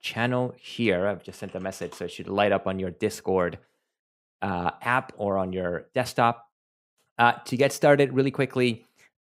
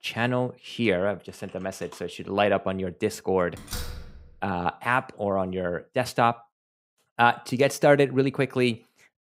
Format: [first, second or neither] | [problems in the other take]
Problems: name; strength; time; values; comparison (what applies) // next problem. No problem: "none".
first | door banging; noticeable; at 3.5 s; peak 10 dB below the speech